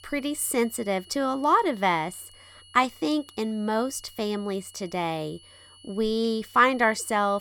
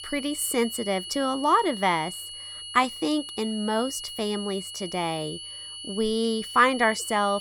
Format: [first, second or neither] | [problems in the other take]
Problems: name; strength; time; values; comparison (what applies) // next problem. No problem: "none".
first | high-pitched whine; loud; throughout; 3 kHz, 10 dB below the speech; faint in the first